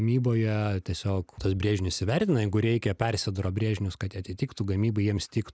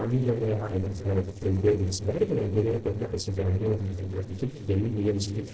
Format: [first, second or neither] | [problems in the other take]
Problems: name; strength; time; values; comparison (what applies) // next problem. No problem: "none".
first | noise reduction (neural separator model SepFormer DNS4)